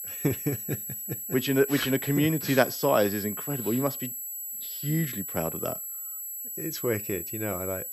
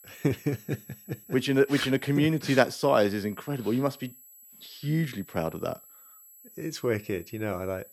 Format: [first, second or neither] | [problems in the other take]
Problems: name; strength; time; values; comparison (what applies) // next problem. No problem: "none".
second | high-pitched whine; loud; throughout; 11.5 kHz, 5 dB below the speech; faint in the second